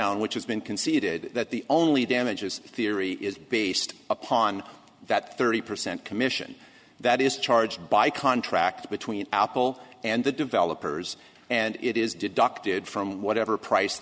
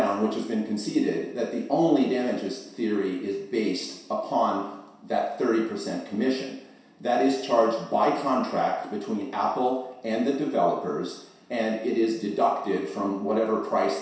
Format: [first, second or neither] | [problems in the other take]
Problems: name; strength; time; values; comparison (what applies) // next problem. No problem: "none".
first | room echo; dies away in 0.7 s